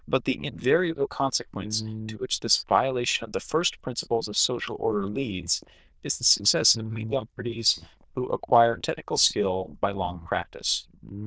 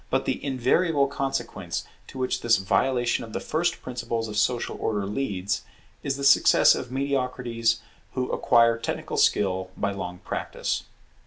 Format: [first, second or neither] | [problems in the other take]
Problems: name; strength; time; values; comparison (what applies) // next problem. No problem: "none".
second | noise reduction (neural diffusion model UNIVERSE++)